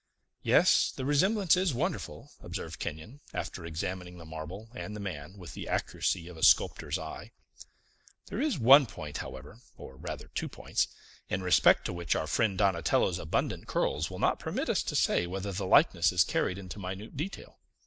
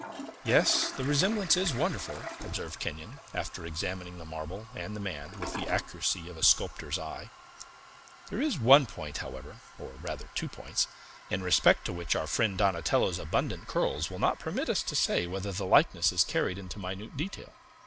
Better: first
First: none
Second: background sound (Toilet flush); 15 dB below the speech

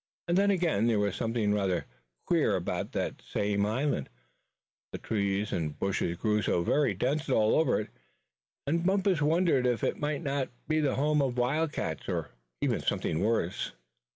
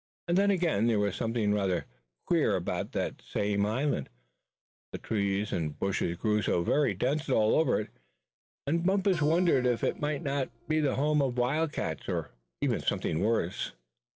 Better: first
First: none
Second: noise reduction (neural separator model SepFormer DNS4)

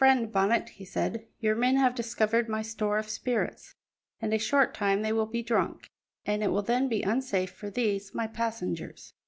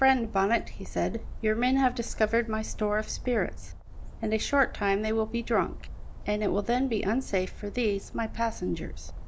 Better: first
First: none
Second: background sound (Bird); 9 dB below the speech

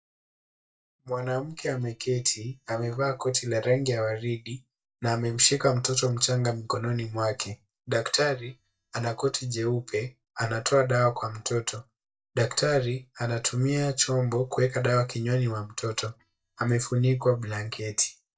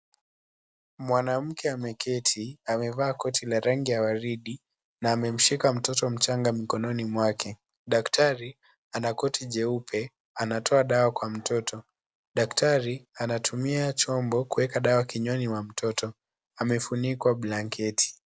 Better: second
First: noise reduction (neural mask model DeepFilterNet 3)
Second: none

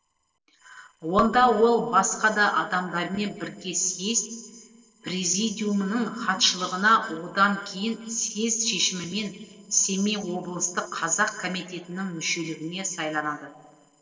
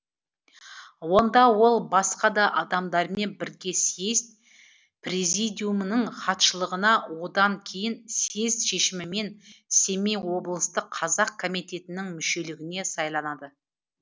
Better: second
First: noise reduction (neural separator model SepFormer DNS4)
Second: none

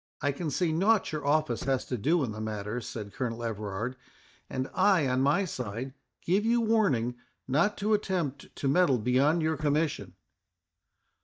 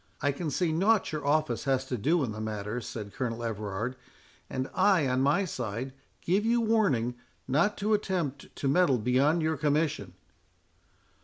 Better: second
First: noise reduction (neural mask model DeepFilterNet 3)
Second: none

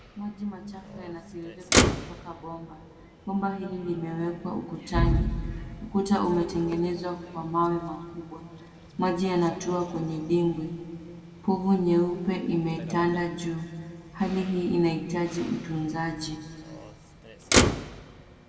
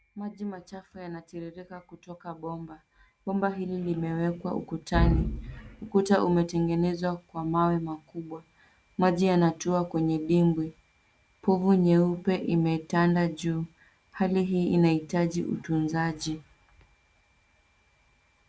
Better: second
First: background sound (Motor vehicle (road)); 5 dB below the speech // room echo; dies away in 2.1 s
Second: none

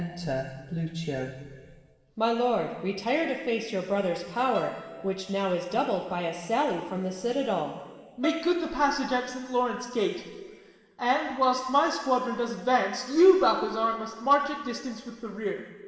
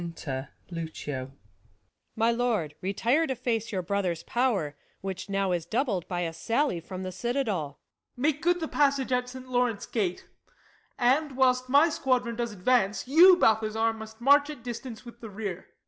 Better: second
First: background sound (Bowed string instrument); 16 dB below the speech // room echo; dies away in 1.9 s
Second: none

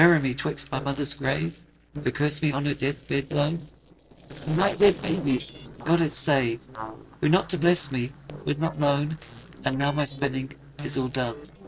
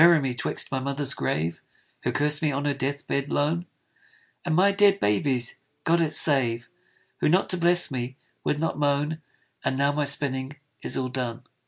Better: second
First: noise reduction (neural separator model SepFormer DNS4)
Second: none

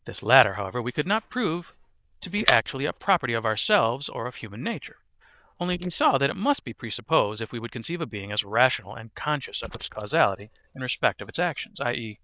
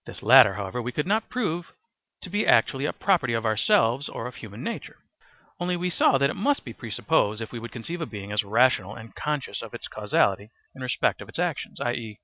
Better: second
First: noise reduction (neural diffusion model UNIVERSE++)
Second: none

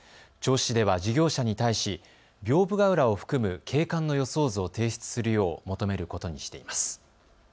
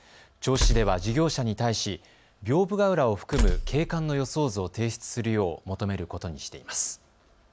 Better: first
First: none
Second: background sound (Tools); 2 dB below the speech

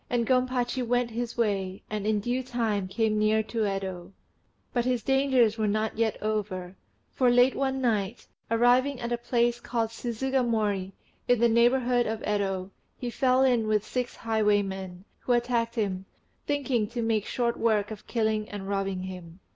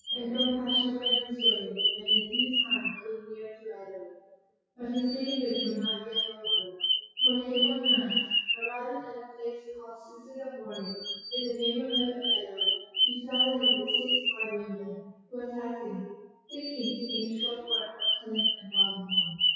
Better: first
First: none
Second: noise reduction (classical method WPE with log-MMSE)

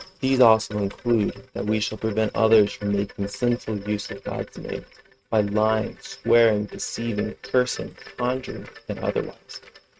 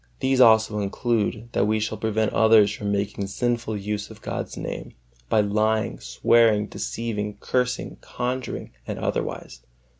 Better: second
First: noise reduction (neural mask model RNNoise)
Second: none

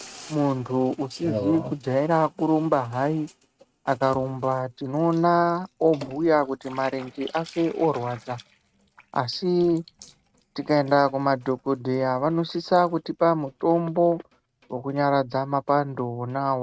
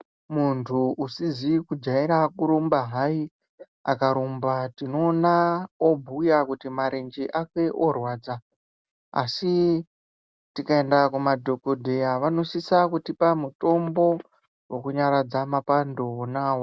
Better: second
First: noise reduction (neural mask model RNNoise)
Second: none

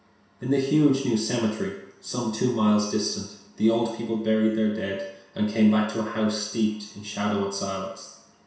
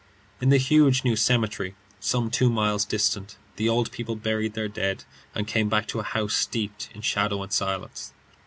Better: second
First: room echo; dies away in 0.7 s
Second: none

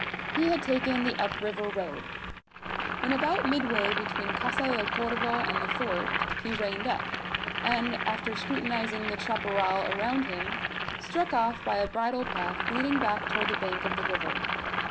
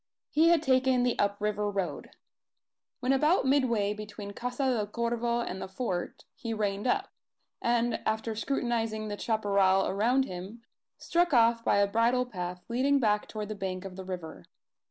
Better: second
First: background sound (Boiling); 1 dB below the speech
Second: none

